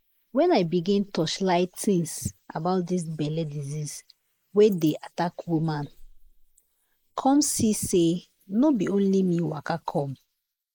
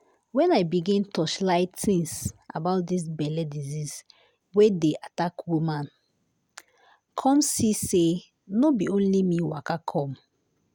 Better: second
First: noise reduction (neural mask model Resemble Enhance denoiser)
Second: none

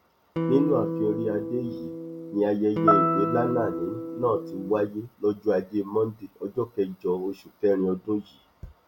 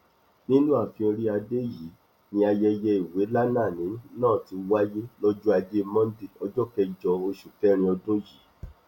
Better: second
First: background sound (Piano + Electric guitar); 1 dB below the speech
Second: none

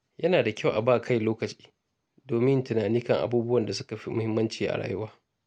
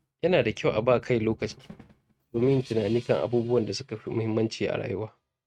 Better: first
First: none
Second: noise reduction (neural mask model RNNoise)

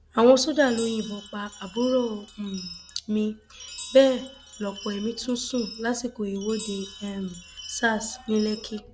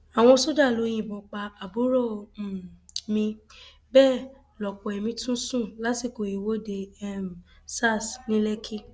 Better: second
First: background sound (Chime); 16 dB below the speech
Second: none

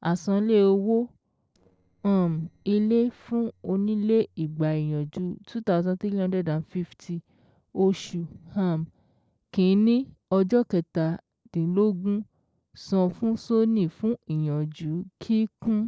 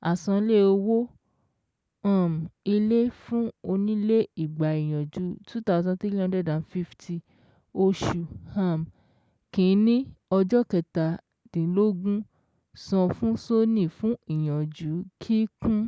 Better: second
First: noise reduction (neural separator model SepFormer DNS4)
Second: none

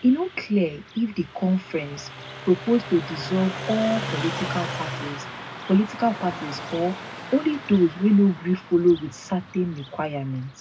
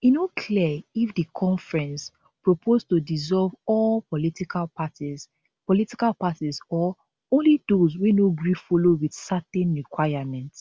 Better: second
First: background sound (Car passing by); 12 dB below the speech // room echo; dies away in 0.2 s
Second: none

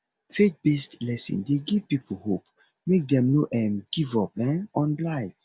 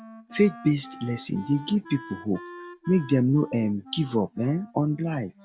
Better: first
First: none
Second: background sound (Wind instrument, woodwind instrument); 18 dB below the speech

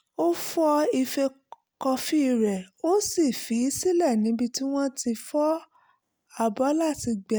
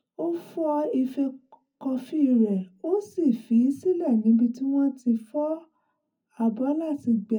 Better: first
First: none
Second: room echo; dies away in 0.4 s

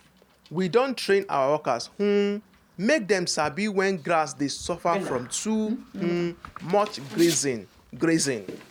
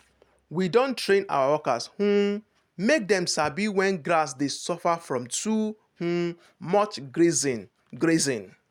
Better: second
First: background sound (Bicycle); 14 dB below the speech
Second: none

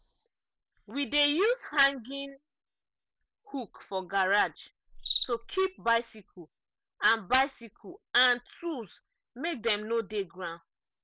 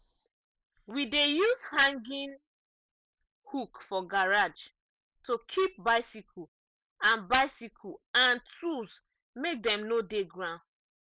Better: second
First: background sound (Cricket); 16 dB below the speech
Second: none

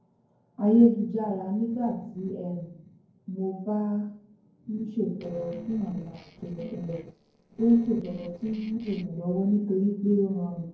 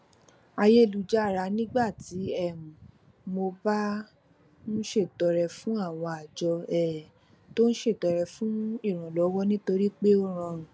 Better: second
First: noise reduction (neural separator model SepFormer DNS4)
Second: none

